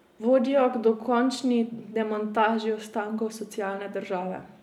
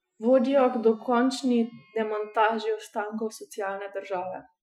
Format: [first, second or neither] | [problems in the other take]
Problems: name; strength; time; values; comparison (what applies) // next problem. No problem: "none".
first | noise reduction (classical method Wiener filter)